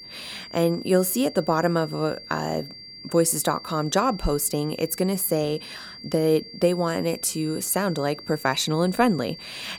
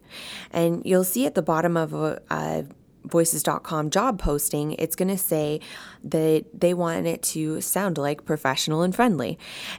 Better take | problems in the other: second | high-pitched whine; noticeable; throughout; 4.5 kHz, 15 dB below the speech

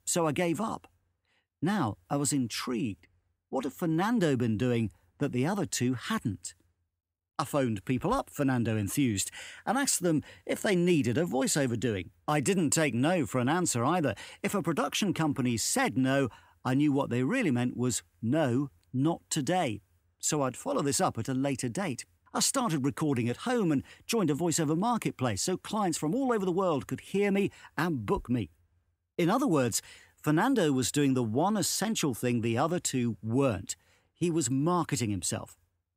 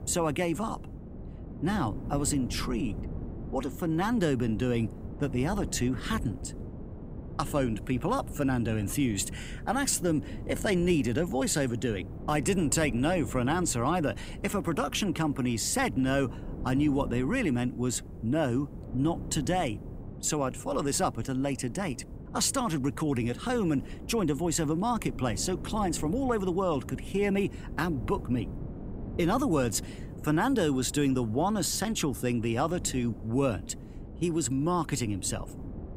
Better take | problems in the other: first | wind noise on the microphone; occasional gusts; 15 dB below the speech

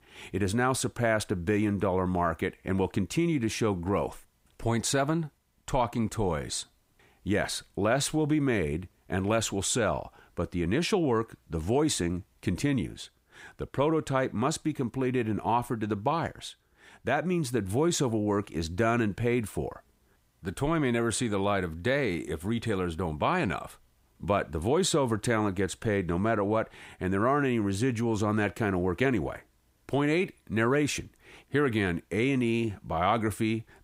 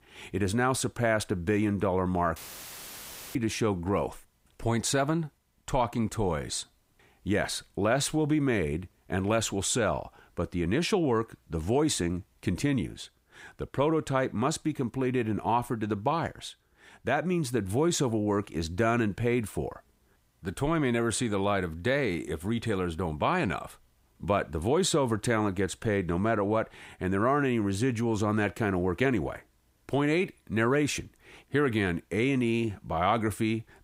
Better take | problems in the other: first | audio cutting out; filled with static; at 2.5 s for 1 s

